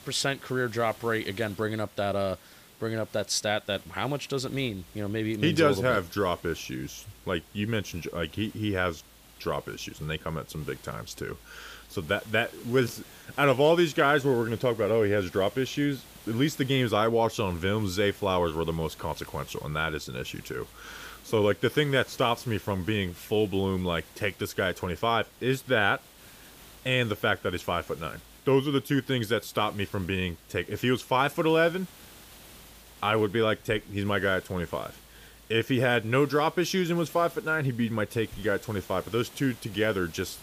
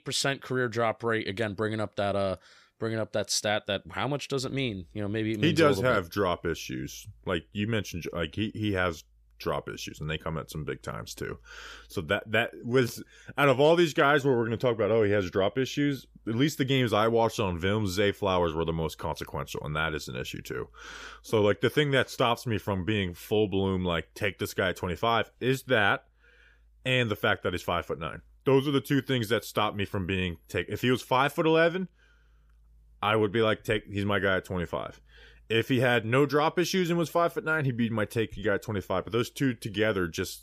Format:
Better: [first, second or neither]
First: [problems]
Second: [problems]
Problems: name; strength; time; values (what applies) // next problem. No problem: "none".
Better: second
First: hiss; faint; throughout; 20 dB below the speech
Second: none